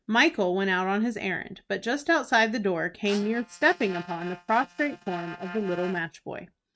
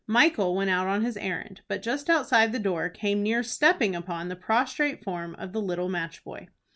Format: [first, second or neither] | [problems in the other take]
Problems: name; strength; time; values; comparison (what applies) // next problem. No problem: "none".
second | noise reduction (neural mask model RNNoise)